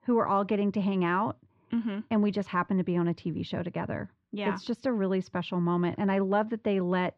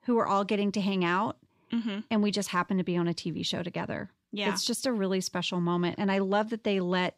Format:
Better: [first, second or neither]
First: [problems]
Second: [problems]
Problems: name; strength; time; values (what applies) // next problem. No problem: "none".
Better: second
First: muffled; very; fading above 2 kHz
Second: none